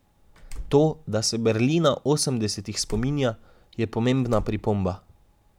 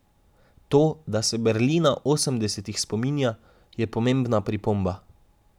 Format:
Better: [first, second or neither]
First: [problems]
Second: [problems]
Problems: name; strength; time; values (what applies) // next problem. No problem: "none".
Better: second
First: background sound (Slam); 15 dB below the speech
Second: none